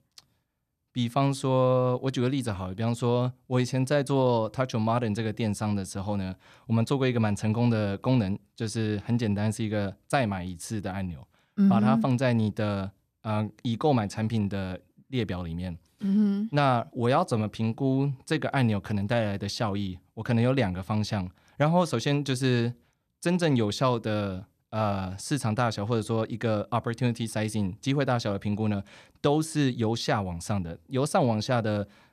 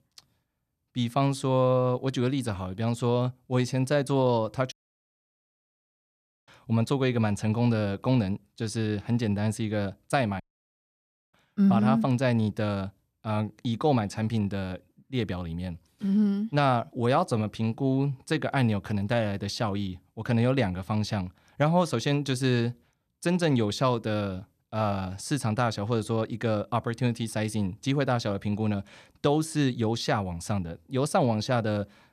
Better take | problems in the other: first | audio cutting out; at 4.5 s for 2 s and at 10 s for 1 s

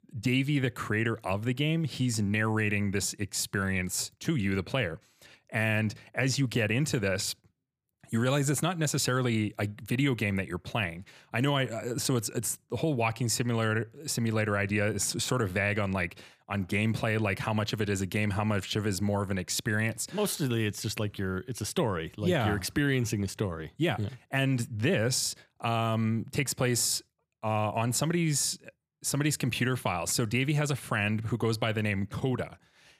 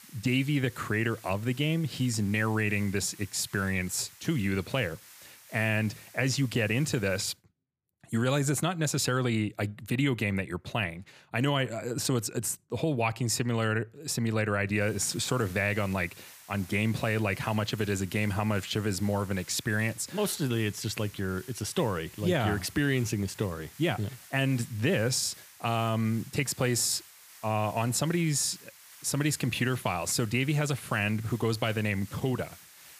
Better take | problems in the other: first | hiss; faint; until 7.5 s and from 15 s on; 20 dB below the speech

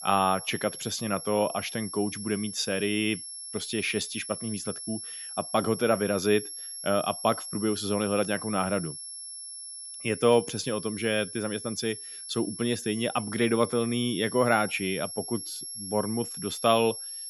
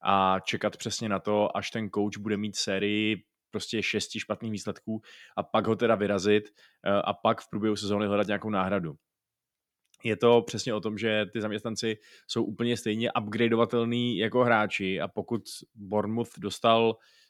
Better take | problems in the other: second | high-pitched whine; loud; throughout; 11 kHz, 8 dB below the speech

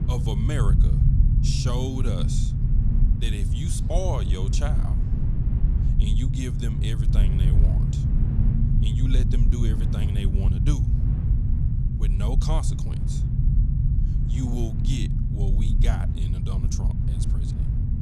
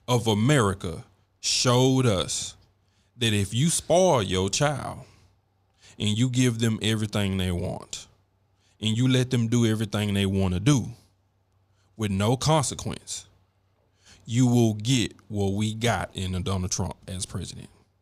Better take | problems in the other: second | low rumble; loud; throughout; 1 dB below the speech

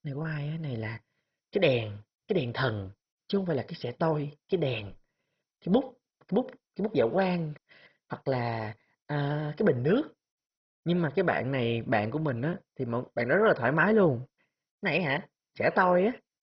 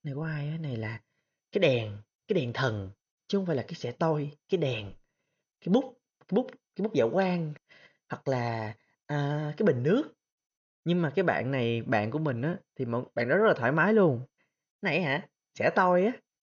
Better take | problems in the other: second | garbled, watery; badly; nothing above 5.5 kHz; slightly in the second

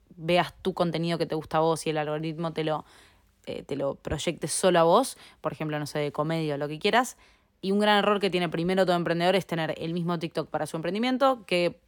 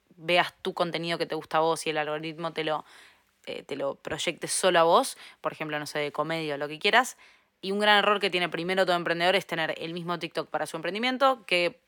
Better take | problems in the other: first | thin; very slightly; fading below 800 Hz

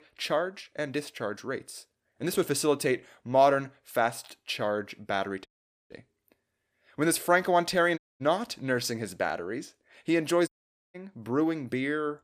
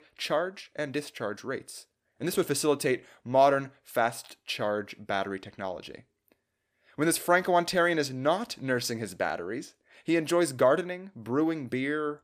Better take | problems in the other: second | audio cutting out; at 5.5 s, at 8 s and at 10 s

